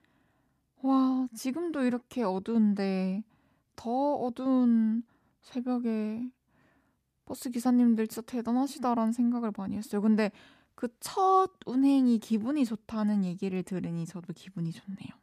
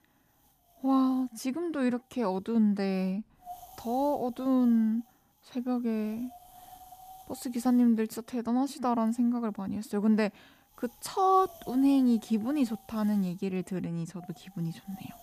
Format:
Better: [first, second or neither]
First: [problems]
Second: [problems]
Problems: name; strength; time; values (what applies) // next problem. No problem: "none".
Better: first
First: none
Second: wind noise on the microphone; occasional gusts; 20 dB below the speech